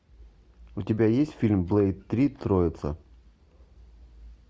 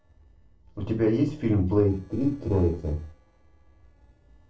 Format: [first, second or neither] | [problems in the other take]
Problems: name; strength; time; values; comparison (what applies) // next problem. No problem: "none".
first | noise reduction (neural separator model SepFormer DNS4)